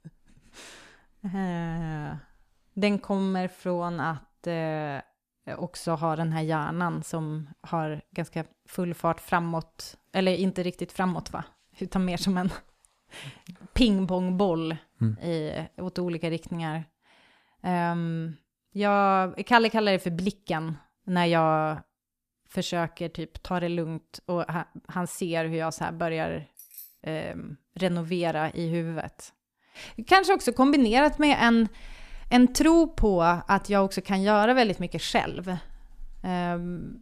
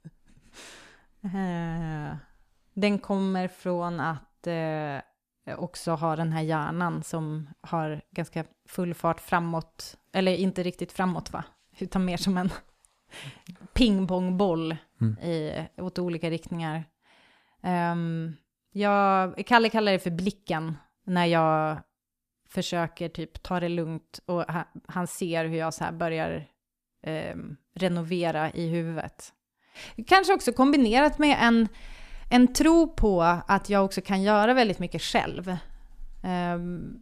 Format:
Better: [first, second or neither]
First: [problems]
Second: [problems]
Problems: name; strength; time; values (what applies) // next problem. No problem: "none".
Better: second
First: jangling keys; faint; at 27 s; peak 20 dB below the speech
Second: none